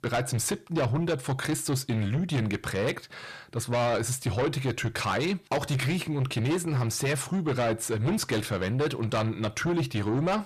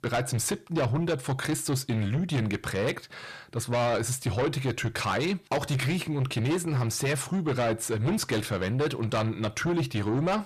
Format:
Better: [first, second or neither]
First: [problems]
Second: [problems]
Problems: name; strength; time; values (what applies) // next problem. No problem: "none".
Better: neither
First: distortion; heavy; 8 dB below the speech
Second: distortion; heavy; 8 dB below the speech